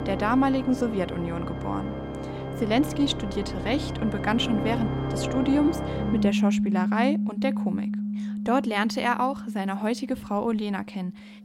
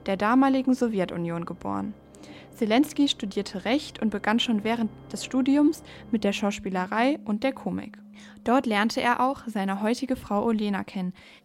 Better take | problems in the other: second | background music; loud; throughout; 3 dB below the speech; faint in the second

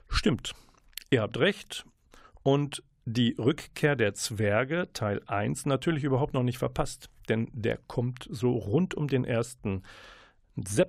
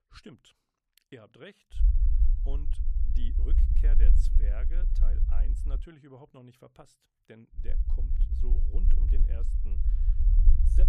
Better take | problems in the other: first | low rumble; loud; from 2 to 6 s and from 7.5 s on; as loud as the speech

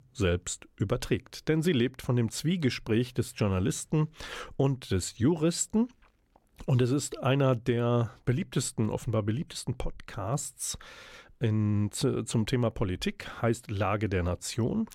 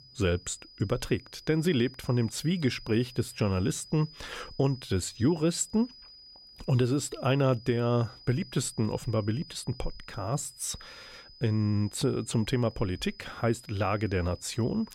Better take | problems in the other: first | high-pitched whine; noticeable; throughout; 5 kHz, 20 dB below the speech

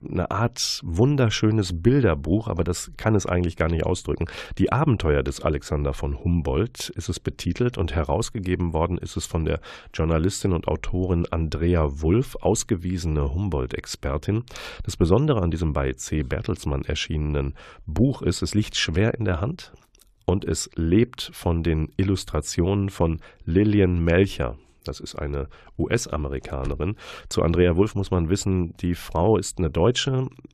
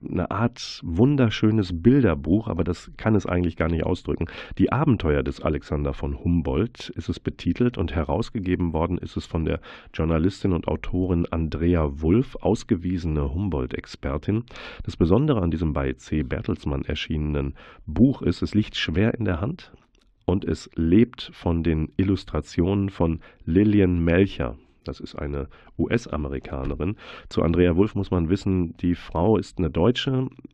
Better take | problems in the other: first | muffled; slightly; fading above 3 kHz

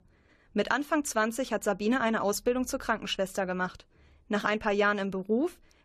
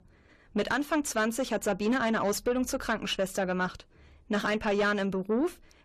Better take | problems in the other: first | distortion; slight; 10 dB below the speech

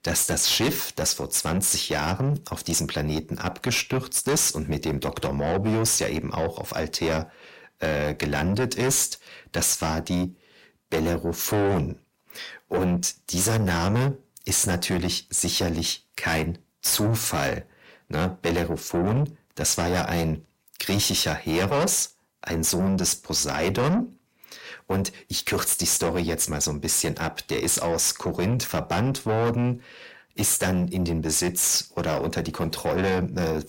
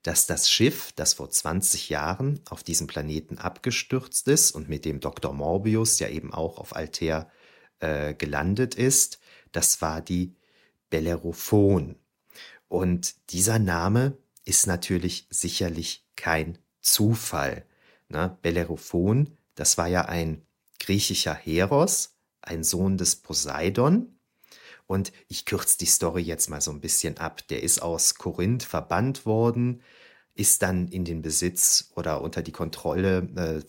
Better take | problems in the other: second | distortion; heavy; 5 dB below the speech

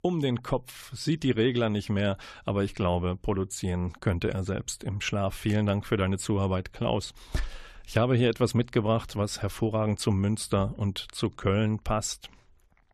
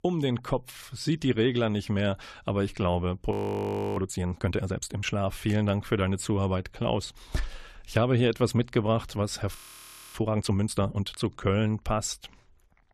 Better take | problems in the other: first | audio freezing; at 3.5 s for 0.5 s and at 9.5 s for 0.5 s

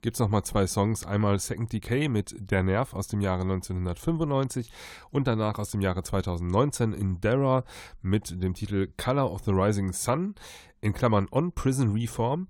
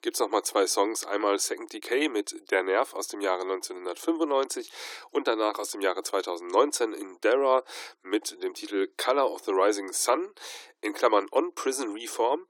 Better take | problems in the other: first | thin; very; fading below 300 Hz

